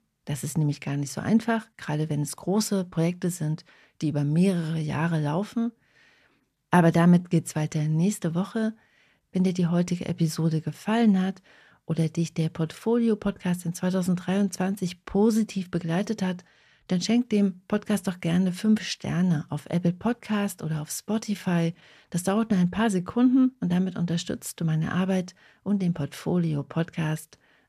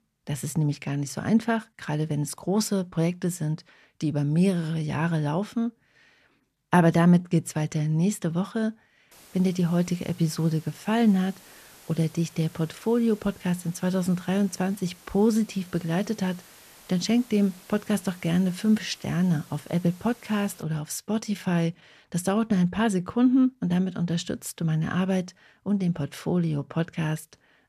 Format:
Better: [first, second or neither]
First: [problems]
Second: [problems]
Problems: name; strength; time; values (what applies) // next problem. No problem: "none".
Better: first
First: none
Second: hiss; faint; from 9 to 21 s; 25 dB below the speech